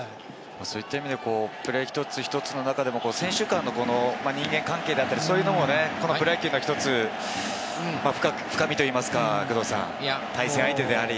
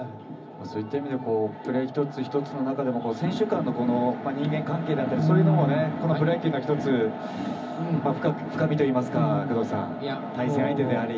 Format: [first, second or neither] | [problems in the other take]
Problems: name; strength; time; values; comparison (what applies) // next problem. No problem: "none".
first | room echo; dies away in 0.4 s